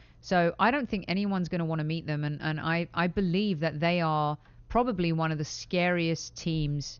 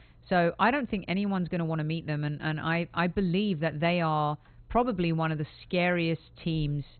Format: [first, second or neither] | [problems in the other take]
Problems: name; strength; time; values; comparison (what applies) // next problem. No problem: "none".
first | garbled, watery; badly; nothing above 4 kHz; slightly in the first